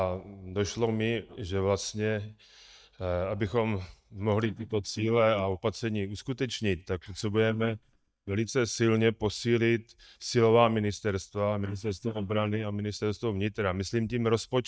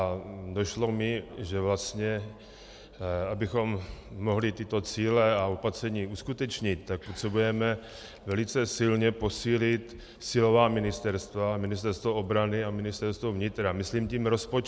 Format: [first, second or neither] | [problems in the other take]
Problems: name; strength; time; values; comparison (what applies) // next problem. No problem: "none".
second | noise reduction (neural mask model DeepFilterNet 3)